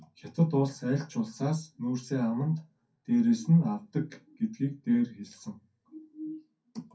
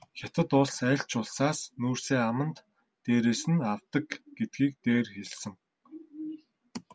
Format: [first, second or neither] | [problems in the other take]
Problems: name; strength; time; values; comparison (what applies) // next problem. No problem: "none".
second | room echo; dies away in 0.3 s